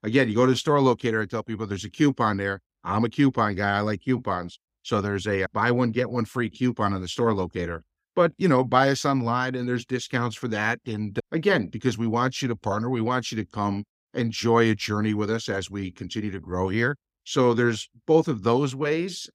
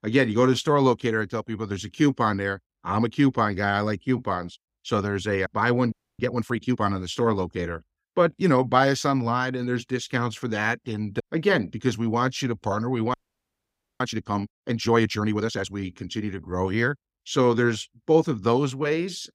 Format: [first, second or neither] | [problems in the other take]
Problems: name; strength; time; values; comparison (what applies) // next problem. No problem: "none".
first | audio freezing; at 6 s and at 13 s for 1 s